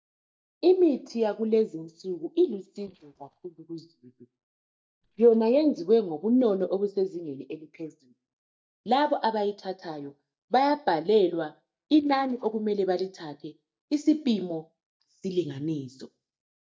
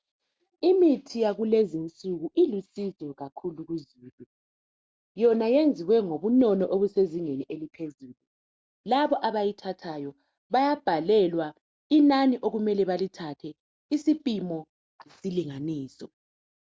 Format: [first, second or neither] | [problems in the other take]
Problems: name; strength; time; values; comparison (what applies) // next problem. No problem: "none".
second | noise reduction (neural mask model DeepFilterNet 3)